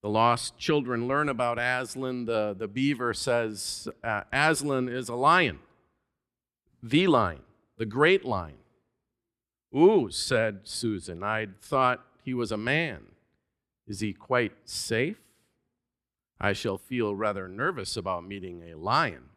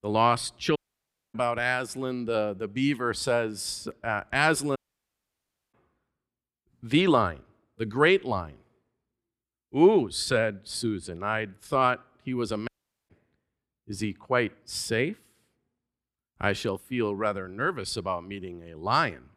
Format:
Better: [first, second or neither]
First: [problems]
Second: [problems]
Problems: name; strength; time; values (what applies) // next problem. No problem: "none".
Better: first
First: none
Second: audio cutting out; at 1 s for 0.5 s, at 5 s for 1 s and at 13 s